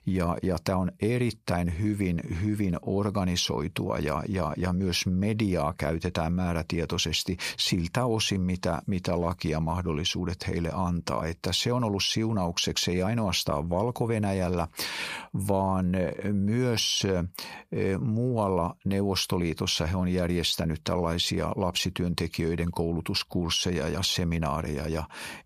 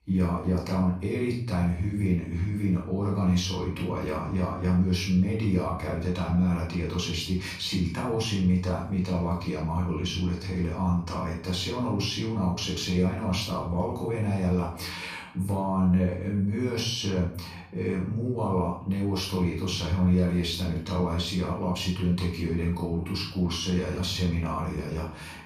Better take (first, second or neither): first